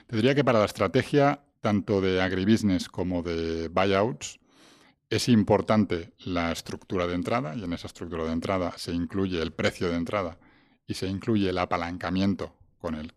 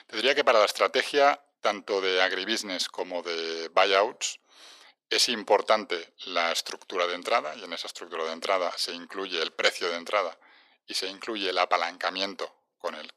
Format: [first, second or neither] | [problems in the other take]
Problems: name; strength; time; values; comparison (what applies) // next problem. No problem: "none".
first | thin; very; fading below 500 Hz